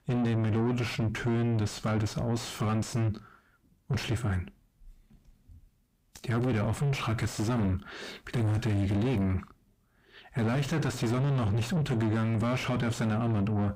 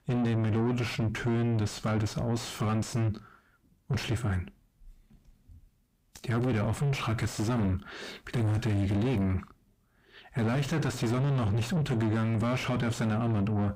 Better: neither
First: distortion; heavy; 7 dB below the speech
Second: distortion; heavy; 7 dB below the speech

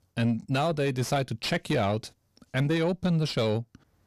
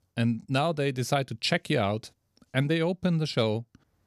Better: second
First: distortion; slight; 10 dB below the speech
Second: none

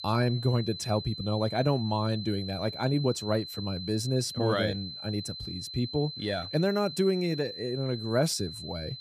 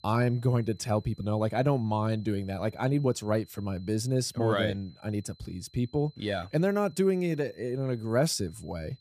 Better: second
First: high-pitched whine; loud; throughout; 4 kHz, 9 dB below the speech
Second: high-pitched whine; faint; throughout; 4 kHz, 30 dB below the speech

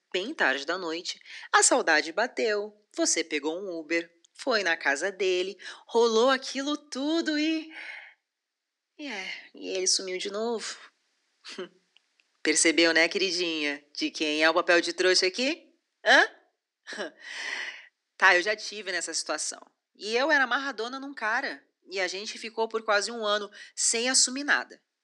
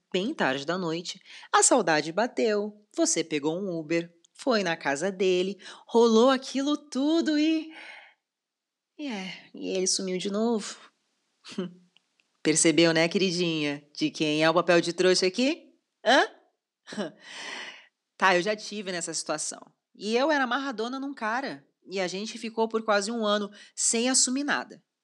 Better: second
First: thin; somewhat; fading below 300 Hz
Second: none

